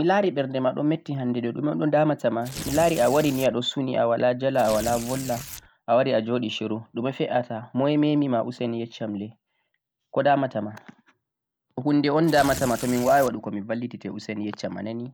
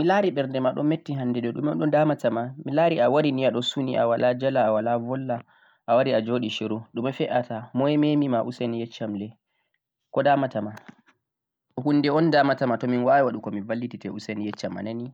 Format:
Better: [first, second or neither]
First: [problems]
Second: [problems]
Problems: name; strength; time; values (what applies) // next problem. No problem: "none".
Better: second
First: background sound (Tearing); 12 dB below the speech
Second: none